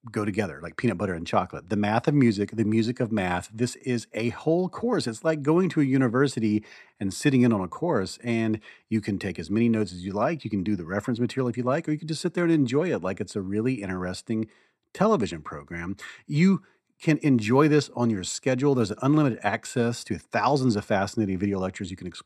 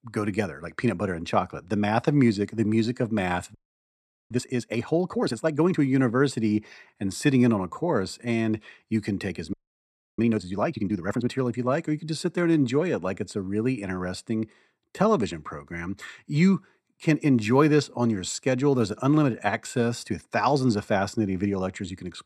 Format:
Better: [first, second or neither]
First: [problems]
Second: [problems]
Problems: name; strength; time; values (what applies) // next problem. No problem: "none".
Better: first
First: none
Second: audio freezing; at 3.5 s for 1 s and at 9.5 s for 0.5 s